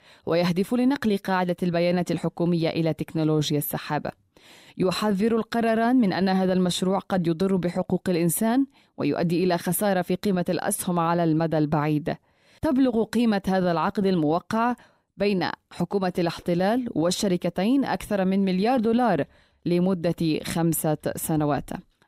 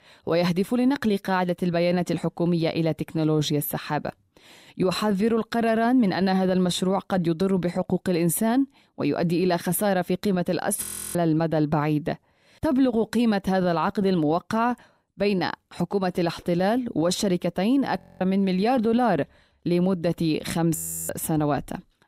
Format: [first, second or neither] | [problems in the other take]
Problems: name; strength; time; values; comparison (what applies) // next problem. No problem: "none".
first | audio freezing; at 11 s, at 18 s and at 21 s